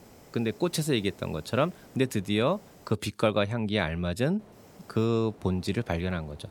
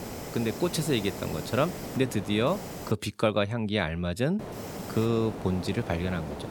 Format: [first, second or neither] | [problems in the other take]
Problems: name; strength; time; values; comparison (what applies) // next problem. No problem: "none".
first | hiss; loud; until 3 s and from 4.5 s on; 9 dB below the speech; faint in the first